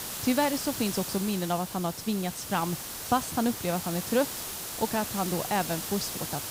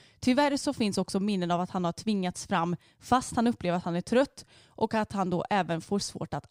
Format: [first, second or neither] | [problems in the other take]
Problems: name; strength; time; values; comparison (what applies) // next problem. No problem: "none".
second | hiss; loud; throughout; 4 dB below the speech